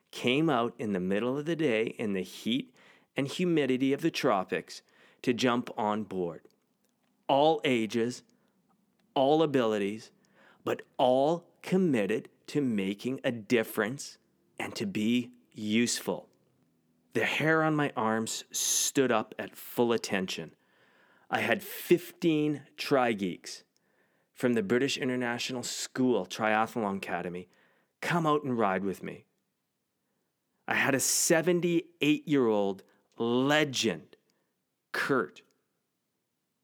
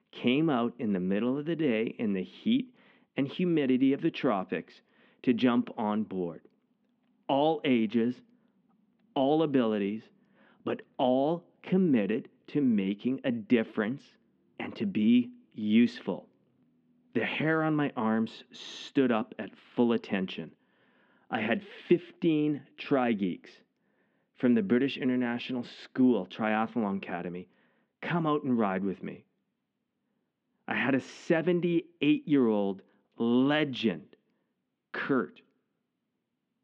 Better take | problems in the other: first | muffled; very; fading above 3 kHz

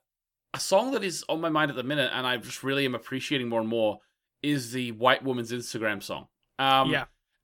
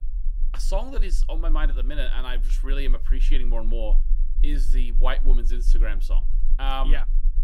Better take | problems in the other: first | low rumble; faint; throughout; 20 dB below the speech

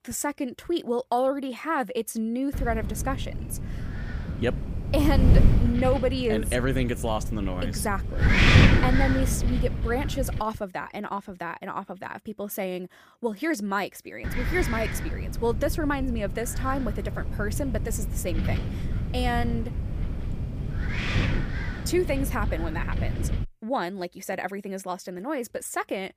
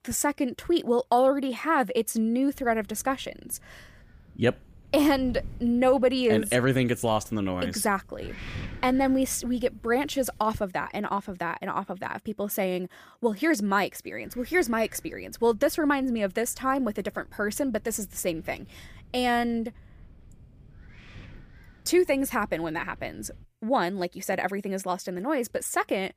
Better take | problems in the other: second | wind noise on the microphone; heavy; from 2.5 to 10 s and from 14 to 23 s; as loud as the speech; occasional gusts in the second

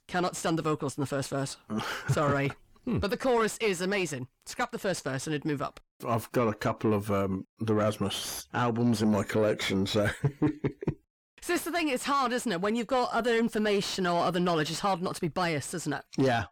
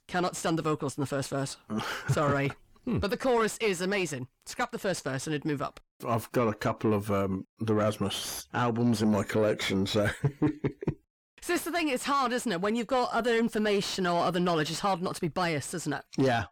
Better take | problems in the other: neither | distortion; slight; 10 dB below the speech; the same in both

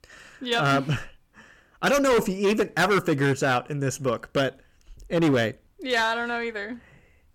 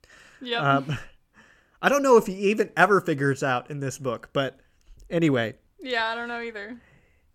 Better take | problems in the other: second | distortion; heavy; 8% of the sound clipped

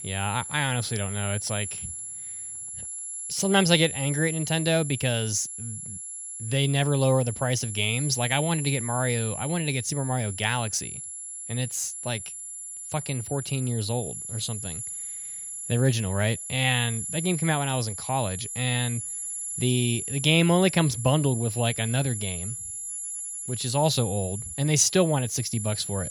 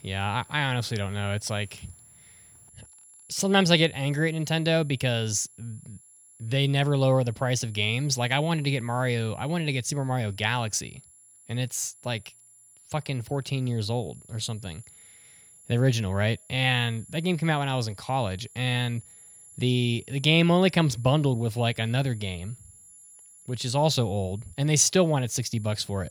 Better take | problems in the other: second | high-pitched whine; loud; throughout; 11 kHz, 7 dB below the speech; faint in the second

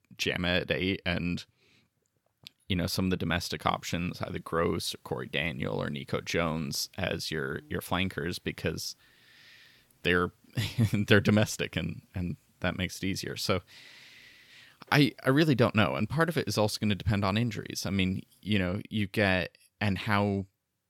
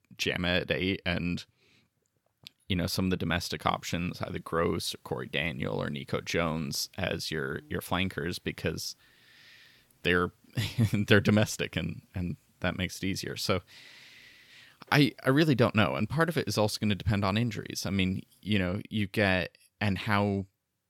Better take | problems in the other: neither | none

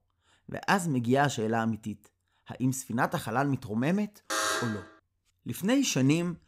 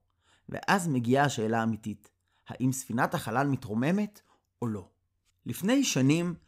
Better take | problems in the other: second | alarm; loud; at 4.5 s; peak level with the speech

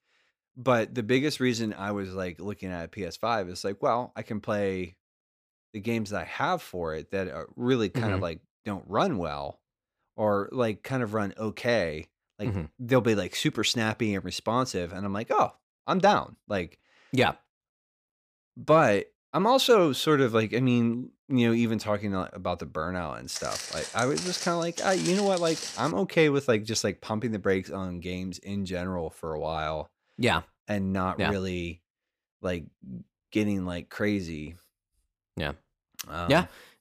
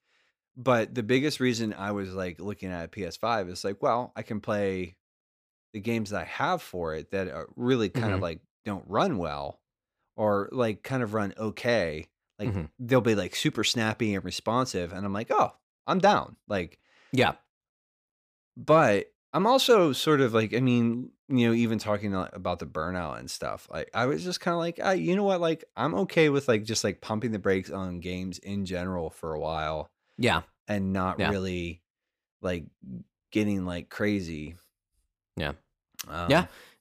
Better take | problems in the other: second | footsteps; noticeable; from 23 to 26 s; peak 5 dB below the speech

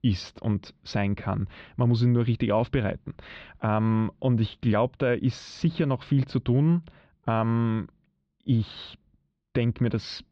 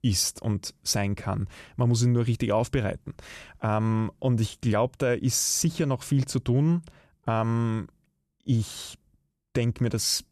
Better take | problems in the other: second | muffled; slightly; fading above 4 kHz

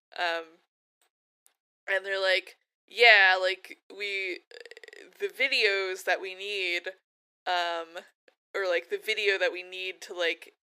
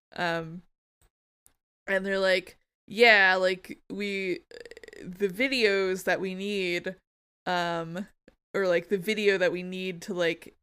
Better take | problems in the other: second | thin; very; fading below 350 Hz

